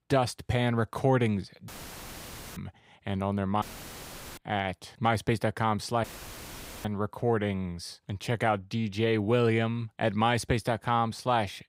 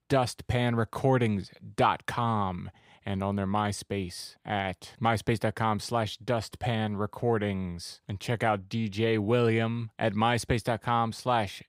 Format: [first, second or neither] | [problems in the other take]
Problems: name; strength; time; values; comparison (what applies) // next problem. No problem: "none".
second | audio cutting out; filled with static; at 1.5 s for 1 s, at 3.5 s for 1 s and at 6 s for 1 s